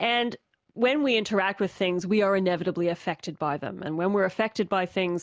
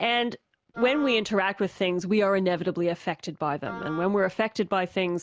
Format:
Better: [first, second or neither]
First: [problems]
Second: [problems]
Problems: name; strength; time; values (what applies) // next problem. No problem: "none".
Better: first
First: none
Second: background sound (Wind instrument, woodwind instrument); 14 dB below the speech